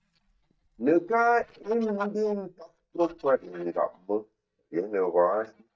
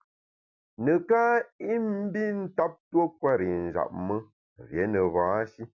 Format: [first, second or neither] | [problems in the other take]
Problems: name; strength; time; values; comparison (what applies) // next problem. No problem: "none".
second | noise reduction (neural mask model DeepFilterNet 3)